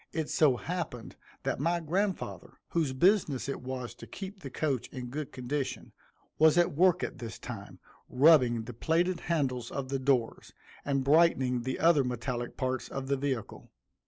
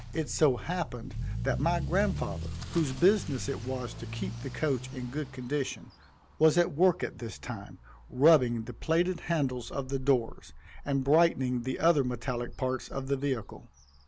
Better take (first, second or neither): first